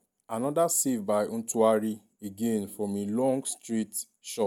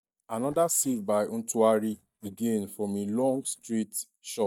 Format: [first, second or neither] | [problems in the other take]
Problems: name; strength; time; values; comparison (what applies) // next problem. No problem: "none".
first | noise reduction (neural mask model DeepFilterNet 3)